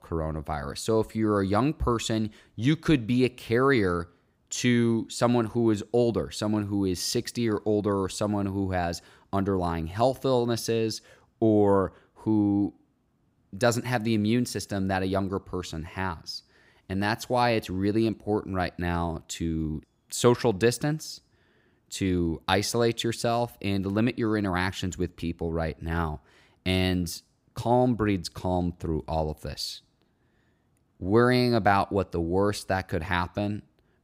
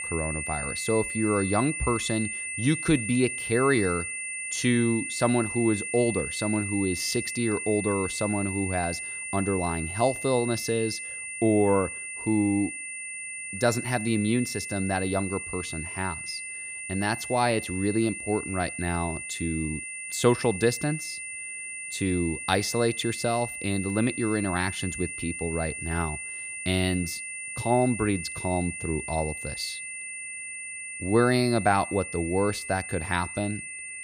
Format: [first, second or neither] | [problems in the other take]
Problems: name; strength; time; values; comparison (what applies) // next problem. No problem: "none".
first | high-pitched whine; loud; throughout; 2 kHz, 6 dB below the speech